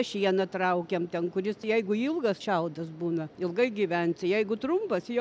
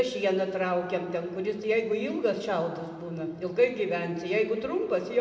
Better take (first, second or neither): first